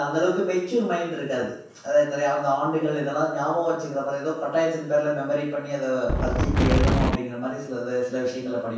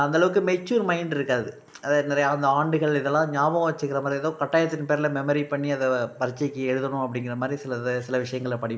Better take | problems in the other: second | background sound (Wind); 4 dB above the speech // room echo; dies away in 0.7 s

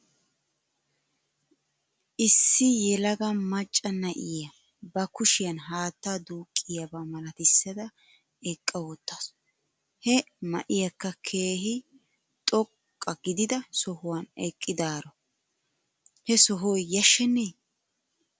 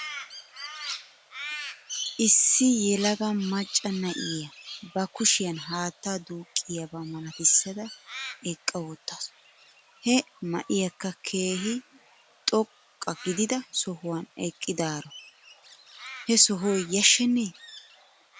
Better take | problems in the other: first | background sound (Crow); 15 dB below the speech

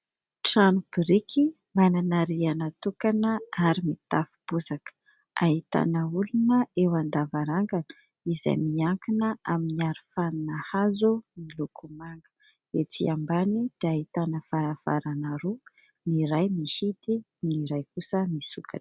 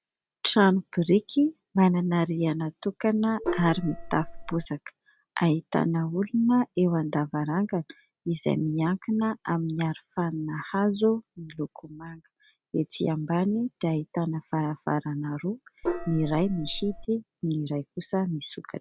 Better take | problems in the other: first | background sound (Gong); 7 dB below the speech

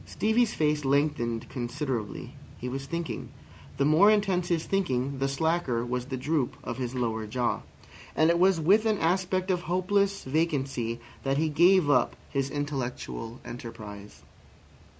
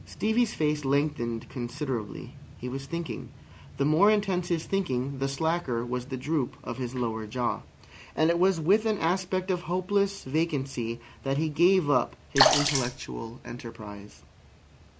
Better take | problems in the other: first | background sound (Sink (filling or washing) / Water / Splash, splatter); 4 dB above the speech

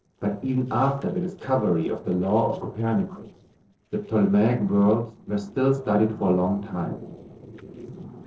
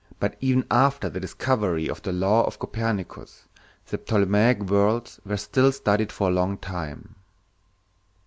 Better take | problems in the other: second | noise reduction (neural separator model SepFormer DNS4)

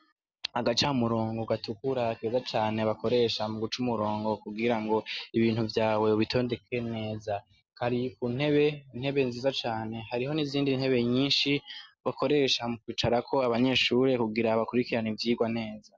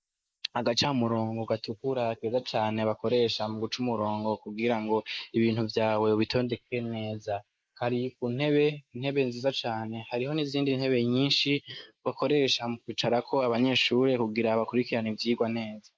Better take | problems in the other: first | noise reduction (neural mask model Resemble Enhance denoiser)

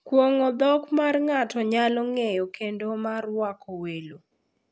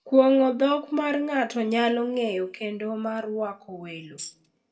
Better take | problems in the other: first | background sound (Tambourine); 15 dB below the speech // room echo; dies away in 0.4 s

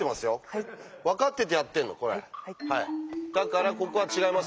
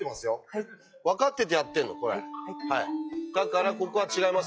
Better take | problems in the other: first | noise reduction (classical method log-MMSE)

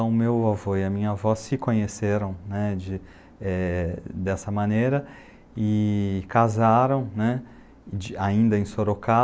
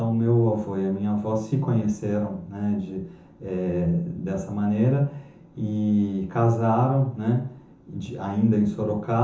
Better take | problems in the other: first | room echo; dies away in 0.7 s

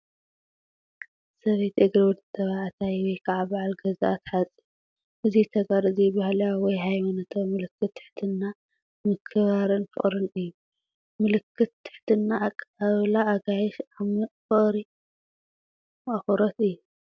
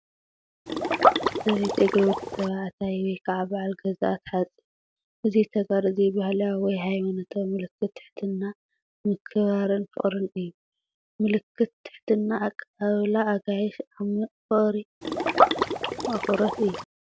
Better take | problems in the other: first | background sound (Liquid); 1 dB above the speech

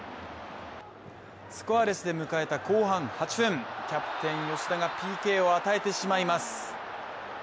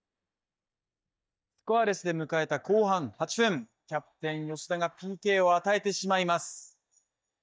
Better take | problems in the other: first | noise reduction (neural mask model DeepFilterNet 3)

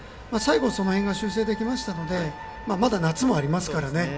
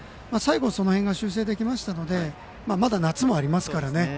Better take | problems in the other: second | background sound (Wind instrument, woodwind instrument); 16 dB below the speech // room echo; dies away in 0.4 s

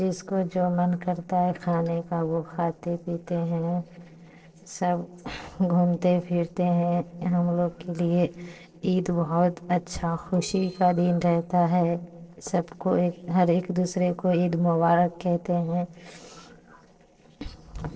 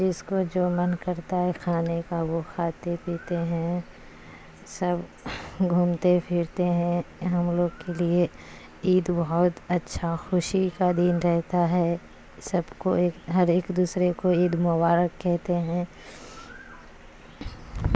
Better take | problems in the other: second | noise reduction (neural separator model SepFormer DNS4)

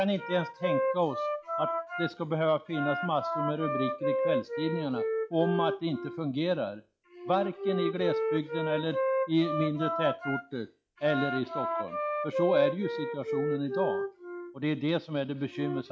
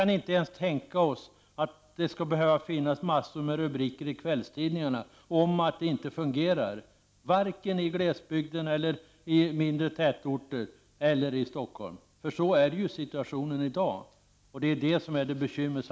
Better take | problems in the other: second | noise reduction (classical method log-MMSE)

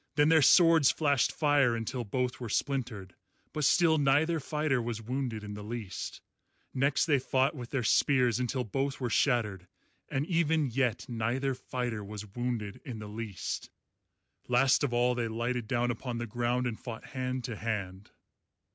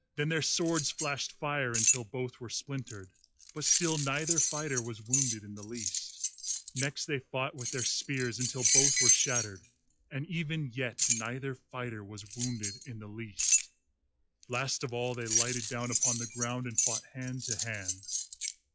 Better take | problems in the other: first | noise reduction (classical method log-MMSE)

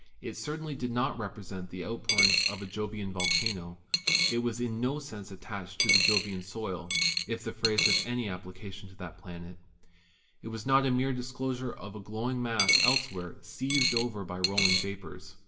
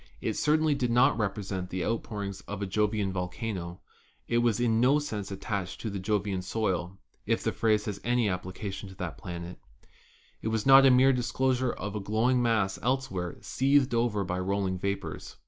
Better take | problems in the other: second | background sound (Coin (dropping)); 3 dB above the speech // room echo; dies away in 0.7 s

